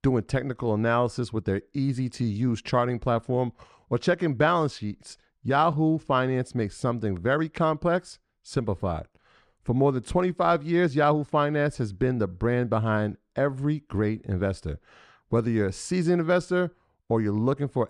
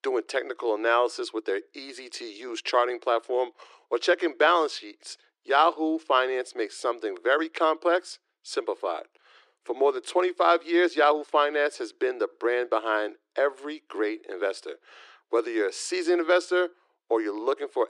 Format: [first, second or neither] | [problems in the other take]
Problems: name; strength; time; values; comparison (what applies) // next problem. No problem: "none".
first | thin; very; fading below 350 Hz